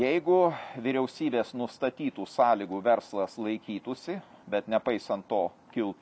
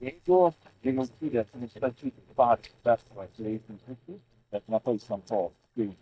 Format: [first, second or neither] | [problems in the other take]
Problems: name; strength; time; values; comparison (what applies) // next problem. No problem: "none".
first | noise reduction (neural mask model DeepFilterNet 3)